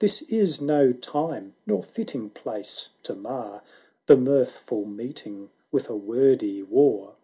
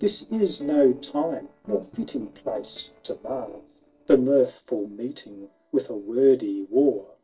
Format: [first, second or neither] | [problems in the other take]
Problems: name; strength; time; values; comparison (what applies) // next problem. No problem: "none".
first | noise reduction (neural separator model SepFormer DNS4)